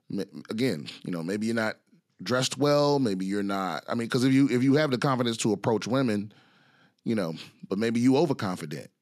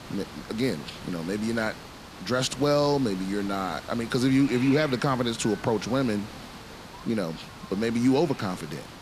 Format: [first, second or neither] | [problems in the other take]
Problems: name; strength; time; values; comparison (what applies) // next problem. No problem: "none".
first | hiss; noticeable; throughout; 15 dB below the speech